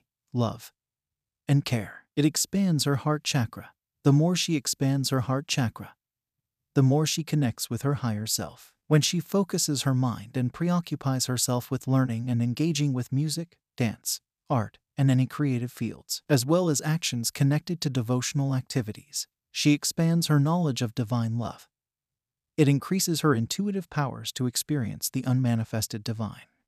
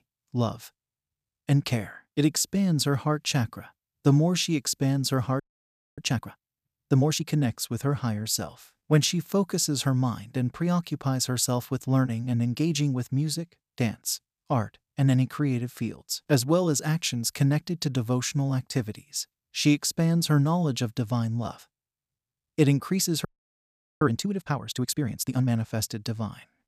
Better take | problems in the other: first | audio freezing; at 5.5 s for 0.5 s and at 23 s for 1 s

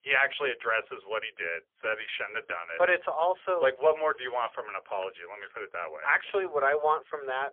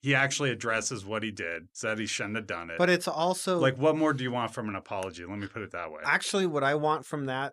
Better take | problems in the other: second | phone-call audio; poor line; nothing above 3.5 kHz

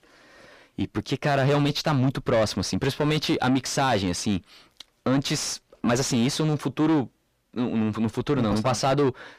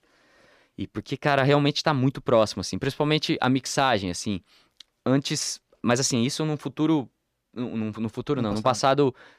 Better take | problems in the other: second | distortion; heavy; 7 dB below the speech

